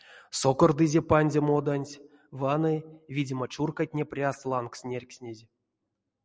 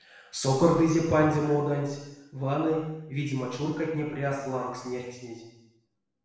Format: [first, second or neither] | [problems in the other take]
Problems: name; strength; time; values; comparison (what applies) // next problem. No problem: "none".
first | room echo; dies away in 0.9 s